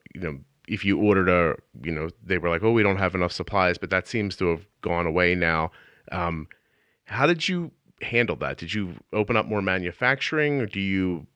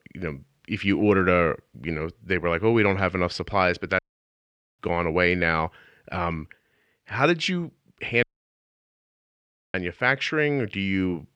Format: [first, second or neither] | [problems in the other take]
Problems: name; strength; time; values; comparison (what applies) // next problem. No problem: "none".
first | audio cutting out; at 4 s for 1 s and at 8 s for 1.5 s